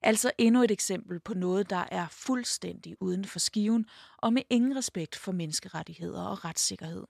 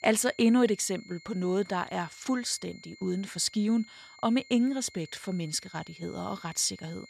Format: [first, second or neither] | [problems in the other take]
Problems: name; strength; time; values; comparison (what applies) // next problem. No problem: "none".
first | high-pitched whine; faint; throughout; 2 kHz, 20 dB below the speech